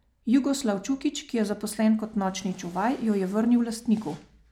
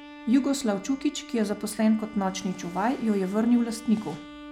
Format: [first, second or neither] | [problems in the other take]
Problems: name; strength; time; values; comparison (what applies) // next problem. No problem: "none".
first | background sound (Bowed string instrument); 17 dB below the speech